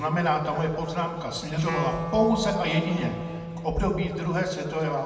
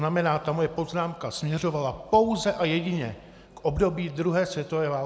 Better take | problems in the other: second | background sound (Wind instrument, woodwind instrument); 7 dB below the speech // room echo; dies away in 1.9 s

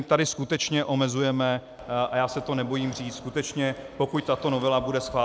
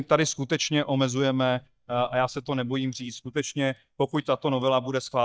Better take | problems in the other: first | noise reduction (neural mask model DeepFilterNet 3)

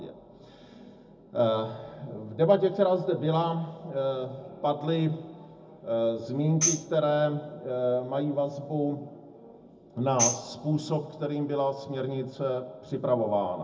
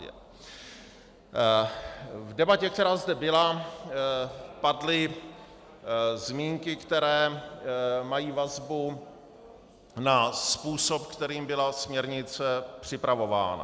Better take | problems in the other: second | background sound (Tambourine); 4 dB below the speech // room echo; dies away in 0.4 s

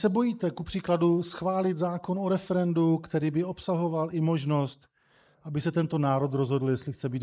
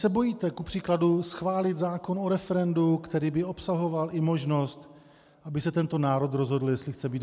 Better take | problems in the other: second | noise reduction (neural mask model Resemble Enhance denoiser)

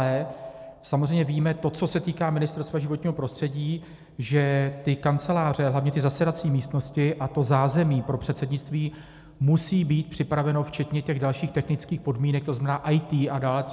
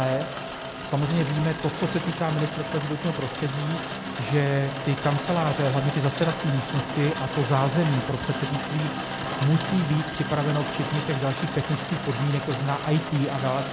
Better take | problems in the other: first | background sound (Rain); 6 dB below the speech

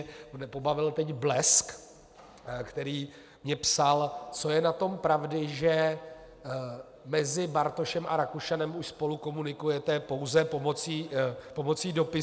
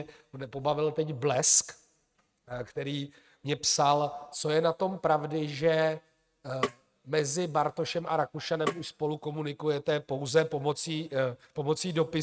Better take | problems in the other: first | noise reduction (neural mask model RNNoise)

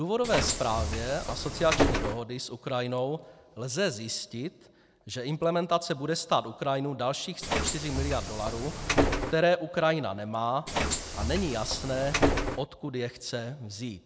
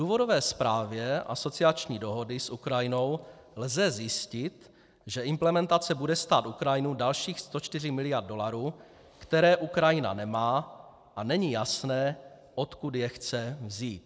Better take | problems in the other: second | background sound (Bus); 1 dB above the speech

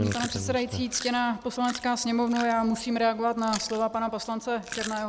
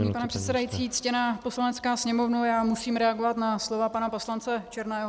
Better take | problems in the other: second | background sound (Chewing, mastication); 15 dB below the speech

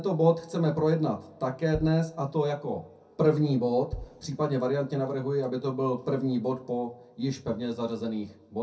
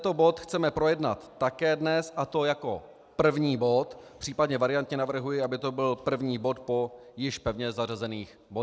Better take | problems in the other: second | background sound (Bass drum); 17 dB below the speech // room echo; dies away in 0.3 s

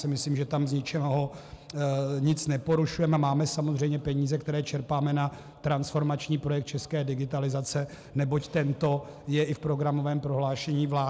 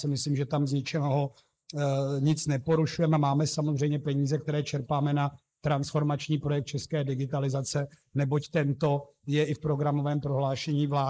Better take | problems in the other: first | noise reduction (neural mask model Resemble Enhance denoiser)

